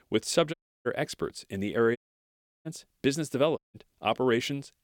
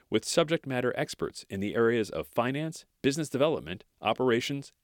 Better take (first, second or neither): second